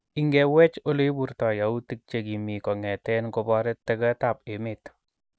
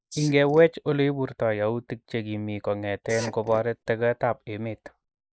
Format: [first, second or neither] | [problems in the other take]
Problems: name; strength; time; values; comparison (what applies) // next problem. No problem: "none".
first | noise reduction (neural mask model Resemble Enhance denoiser)